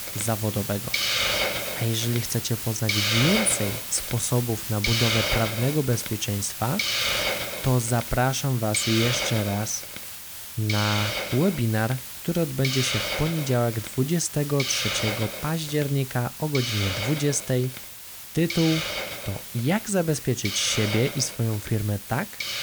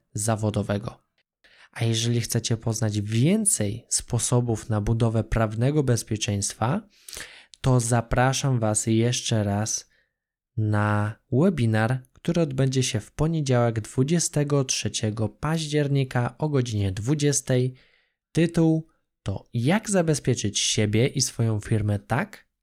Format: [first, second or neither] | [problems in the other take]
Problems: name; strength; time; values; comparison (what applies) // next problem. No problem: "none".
second | hiss; loud; throughout; 2 dB below the speech